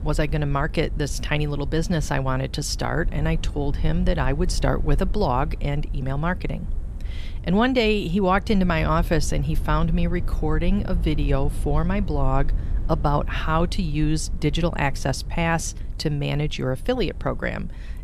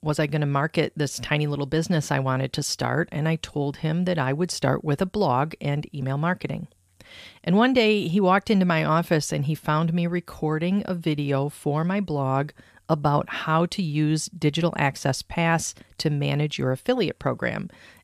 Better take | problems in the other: second | low rumble; faint; throughout; 20 dB below the speech

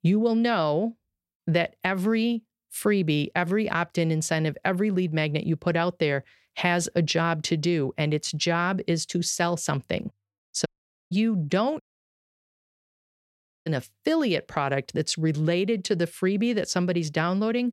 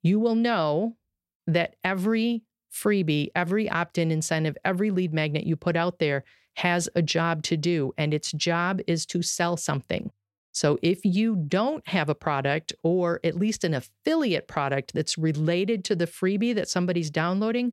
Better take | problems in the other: second | audio cutting out; at 11 s and at 12 s for 2 s

